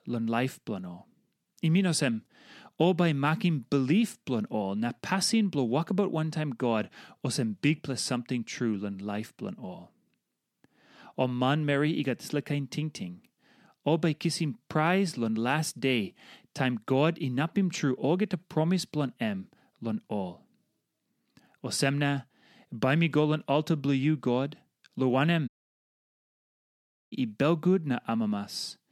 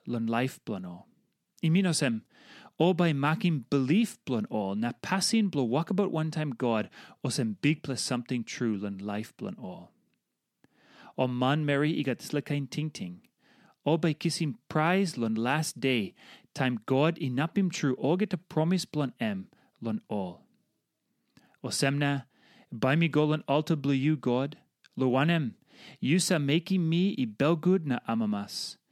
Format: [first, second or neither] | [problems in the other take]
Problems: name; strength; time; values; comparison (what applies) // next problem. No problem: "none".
second | audio cutting out; at 25 s for 1.5 s